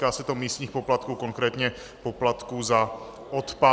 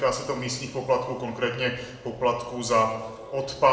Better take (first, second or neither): first